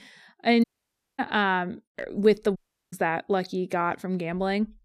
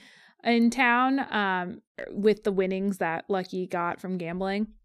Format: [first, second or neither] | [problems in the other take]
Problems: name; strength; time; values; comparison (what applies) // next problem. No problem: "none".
second | audio cutting out; at 0.5 s for 0.5 s and at 2.5 s